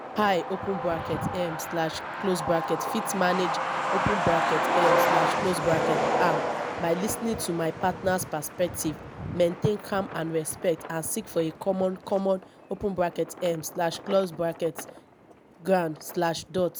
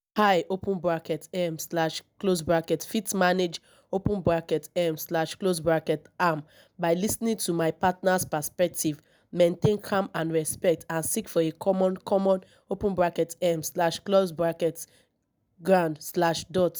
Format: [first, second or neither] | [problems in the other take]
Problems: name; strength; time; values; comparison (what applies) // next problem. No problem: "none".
second | background sound (Truck); 2 dB below the speech